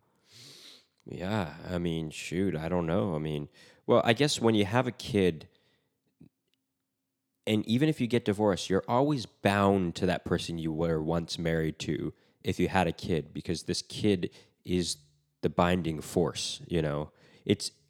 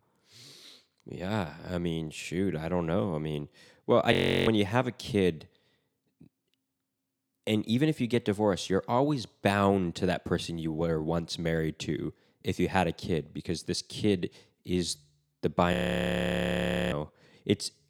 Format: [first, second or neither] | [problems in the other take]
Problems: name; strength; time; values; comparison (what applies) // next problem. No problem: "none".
first | audio freezing; at 4 s and at 16 s for 1 s